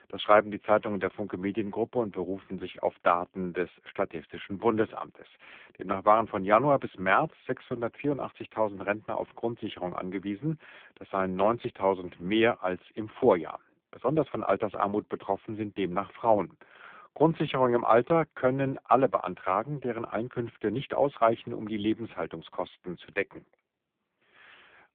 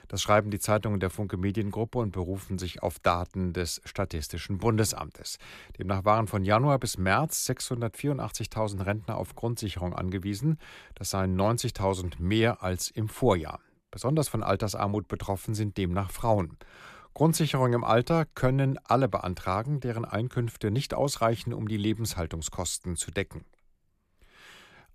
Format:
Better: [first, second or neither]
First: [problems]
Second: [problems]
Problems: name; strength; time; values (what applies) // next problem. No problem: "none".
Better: second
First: phone-call audio; poor line; nothing above 3.5 kHz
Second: none